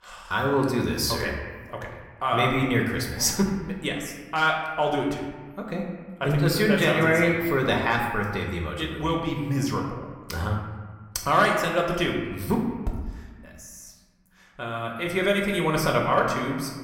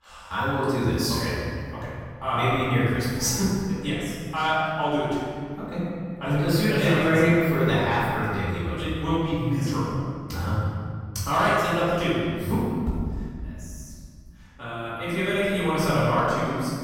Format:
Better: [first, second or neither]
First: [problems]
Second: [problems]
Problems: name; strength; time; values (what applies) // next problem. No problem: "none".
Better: first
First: room echo; slight; dies away in 1.2 s // off-mic speech; somewhat distant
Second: room echo; strong; dies away in 2.3 s // off-mic speech; far